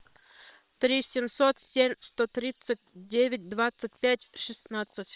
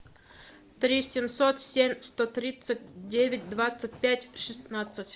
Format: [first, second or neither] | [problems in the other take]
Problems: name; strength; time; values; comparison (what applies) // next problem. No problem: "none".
second | noise reduction (neural separator model SepFormer WHAM!)